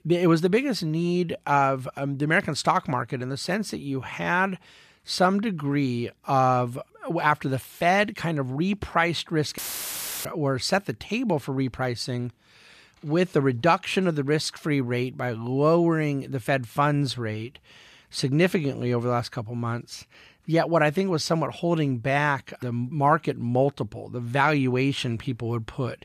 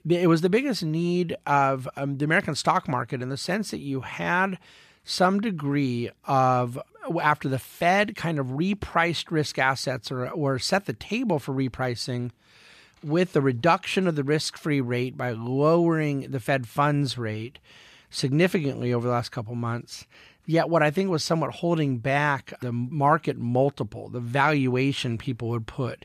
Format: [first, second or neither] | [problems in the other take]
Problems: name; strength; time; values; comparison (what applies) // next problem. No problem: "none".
second | audio cutting out; filled with static; at 9.5 s for 0.5 s